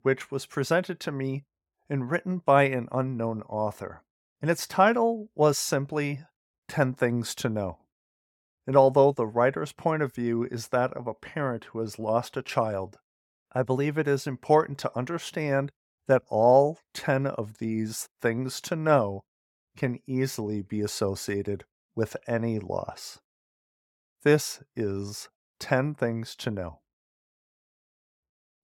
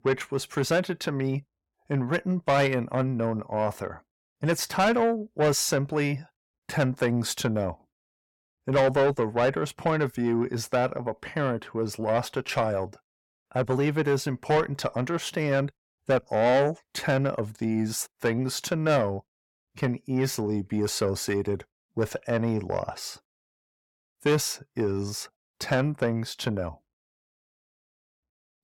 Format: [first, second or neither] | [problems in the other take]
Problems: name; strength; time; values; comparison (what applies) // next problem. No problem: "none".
first | distortion; heavy; 8 dB below the speech